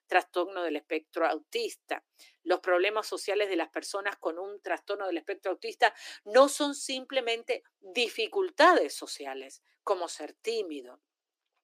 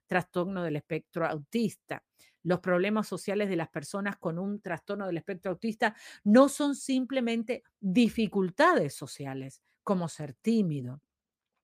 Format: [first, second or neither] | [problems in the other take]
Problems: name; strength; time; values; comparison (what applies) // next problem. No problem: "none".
second | thin; very; fading below 300 Hz